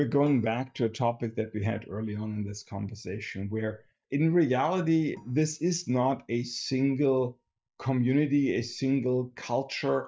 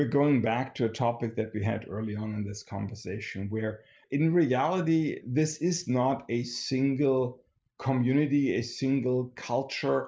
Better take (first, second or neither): second